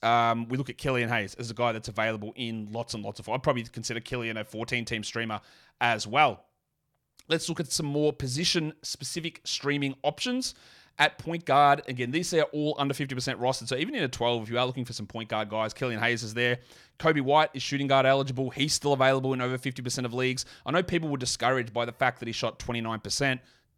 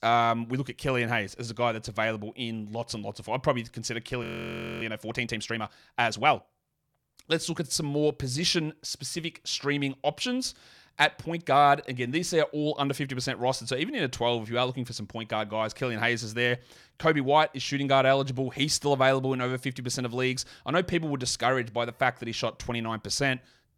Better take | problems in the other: first | audio freezing; at 4 s for 0.5 s

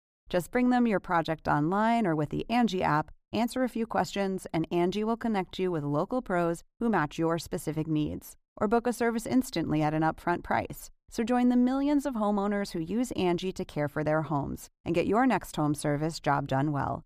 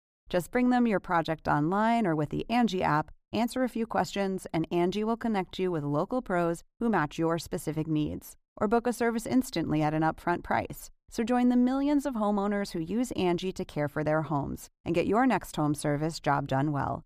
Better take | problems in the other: neither | muffled; slightly; fading above 2 kHz; the same in both

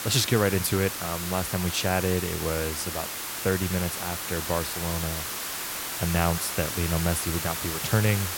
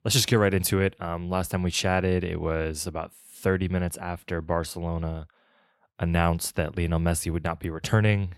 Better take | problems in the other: second | hiss; loud; throughout; 3 dB below the speech

